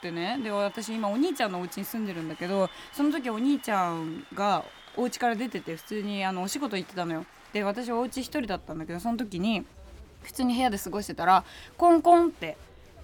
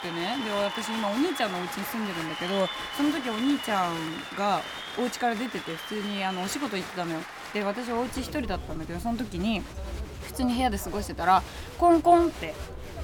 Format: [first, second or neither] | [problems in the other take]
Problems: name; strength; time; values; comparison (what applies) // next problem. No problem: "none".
first | crowd noise; loud; throughout; 8 dB below the speech; faint in the first